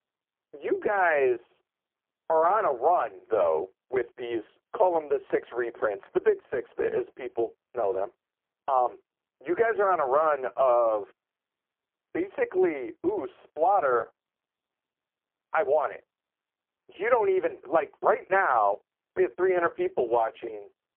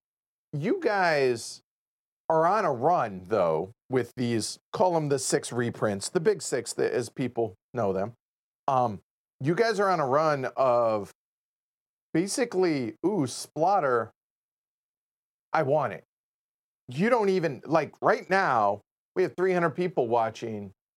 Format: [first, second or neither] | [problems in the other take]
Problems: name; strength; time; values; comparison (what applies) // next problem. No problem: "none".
second | phone-call audio; poor line